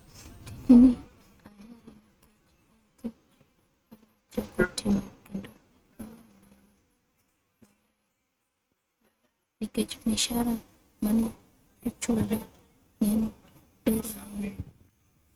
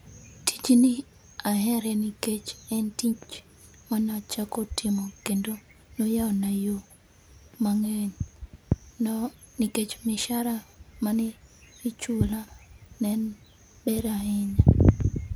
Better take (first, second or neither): second